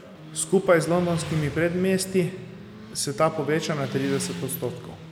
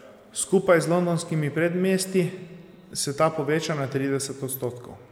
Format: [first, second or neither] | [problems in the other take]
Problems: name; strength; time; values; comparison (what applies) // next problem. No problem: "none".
second | background sound (Motorcycle); 13 dB below the speech